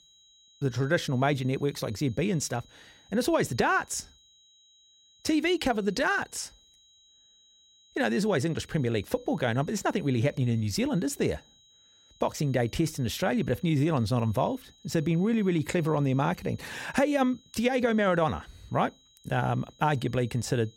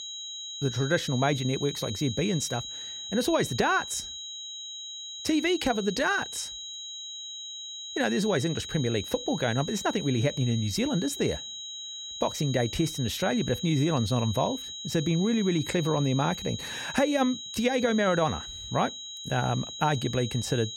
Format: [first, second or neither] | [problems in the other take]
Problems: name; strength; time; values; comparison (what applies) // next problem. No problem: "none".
first | high-pitched whine; loud; throughout; 4 kHz, 8 dB below the speech; faint in the first